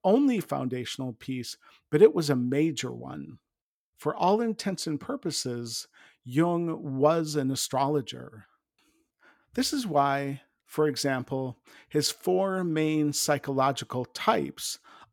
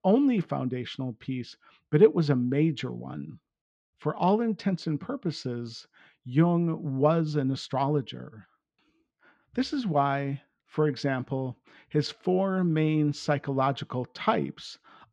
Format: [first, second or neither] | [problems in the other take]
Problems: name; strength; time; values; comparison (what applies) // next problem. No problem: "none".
first | muffled; very slightly; fading above 4 kHz